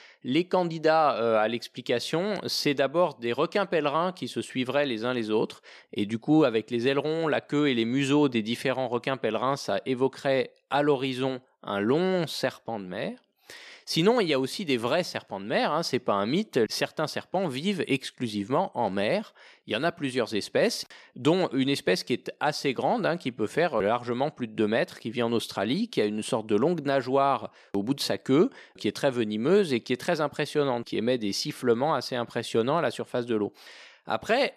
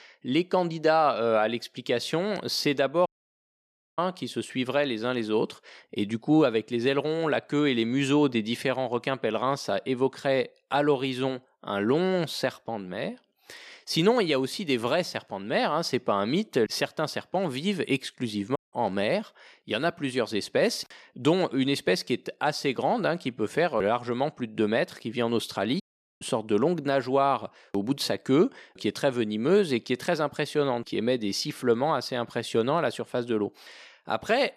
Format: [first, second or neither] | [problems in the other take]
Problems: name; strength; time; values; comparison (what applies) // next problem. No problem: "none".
first | audio cutting out; at 3 s for 1 s, at 19 s and at 26 s